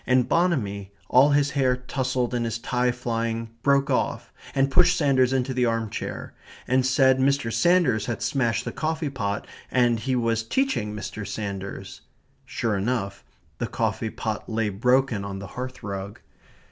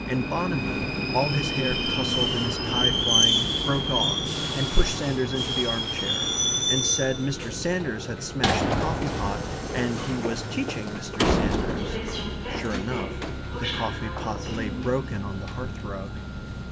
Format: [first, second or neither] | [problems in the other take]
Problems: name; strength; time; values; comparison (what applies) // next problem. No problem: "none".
first | background sound (Subway, metro, underground); 3 dB above the speech